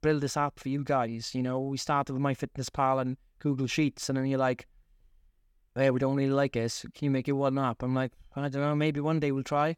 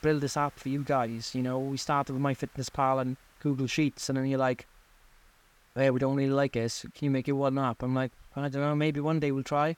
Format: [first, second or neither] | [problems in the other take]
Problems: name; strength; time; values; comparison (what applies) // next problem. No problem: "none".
first | hiss; faint; throughout; 30 dB below the speech